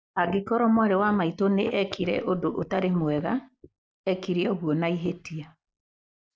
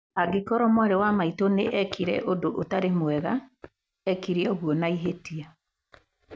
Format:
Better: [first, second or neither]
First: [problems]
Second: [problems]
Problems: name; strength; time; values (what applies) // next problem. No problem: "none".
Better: second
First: noise reduction (neural mask model Resemble Enhance denoiser)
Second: none